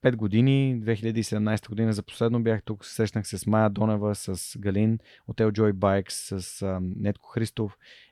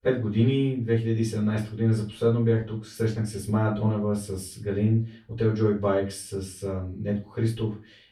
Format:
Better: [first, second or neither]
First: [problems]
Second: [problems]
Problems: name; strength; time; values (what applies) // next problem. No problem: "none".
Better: first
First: none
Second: off-mic speech; far // room echo; slight; dies away in 0.3 s